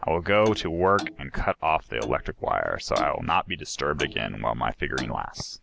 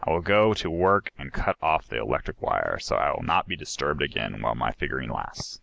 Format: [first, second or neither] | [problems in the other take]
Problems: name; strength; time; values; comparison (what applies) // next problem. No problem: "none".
second | background sound (Clock); 16 dB below the speech